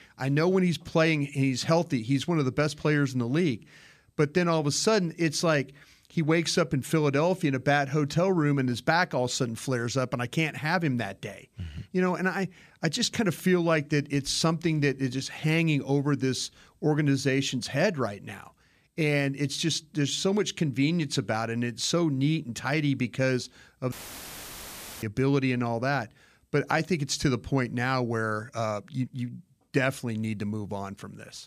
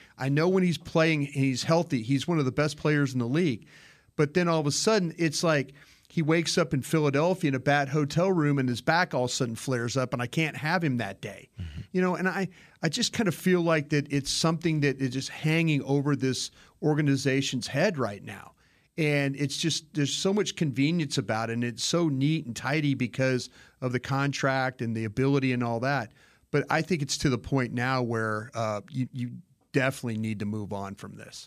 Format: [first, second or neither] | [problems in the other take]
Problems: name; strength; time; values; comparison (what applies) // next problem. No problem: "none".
second | audio cutting out; filled with static; at 24 s for 1 s